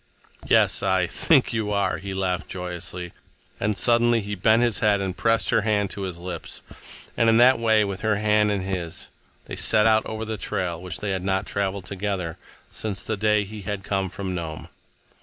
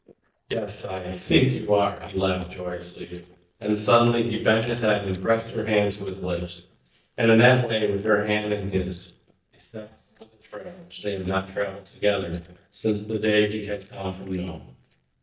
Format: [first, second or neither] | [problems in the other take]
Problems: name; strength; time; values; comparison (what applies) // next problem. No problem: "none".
first | noise reduction (neural mask model DeepFilterNet 3)